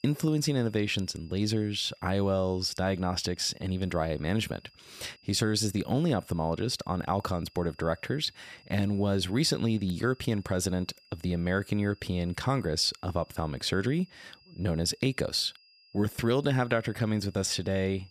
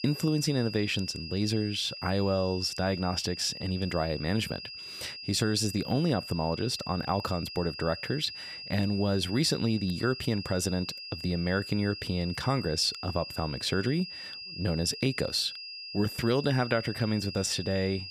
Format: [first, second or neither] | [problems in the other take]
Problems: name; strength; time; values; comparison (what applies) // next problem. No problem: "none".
first | high-pitched whine; loud; throughout; 5 kHz, 9 dB below the speech; faint in the first